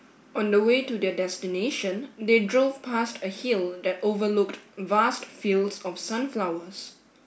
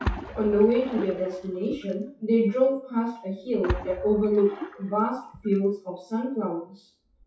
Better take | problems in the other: first | noise reduction (classical method WPE with log-MMSE)

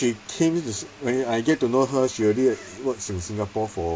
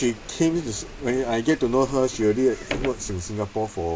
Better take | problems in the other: first | background sound (Sliding door); 13 dB below the speech

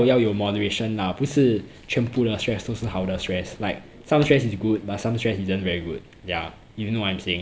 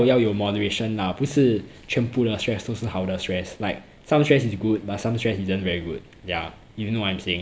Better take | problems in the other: second | background sound (Sliding door / Slam / Wood); 18 dB below the speech

